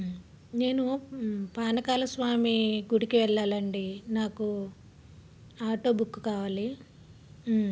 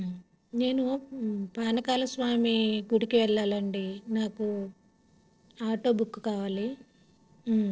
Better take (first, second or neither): first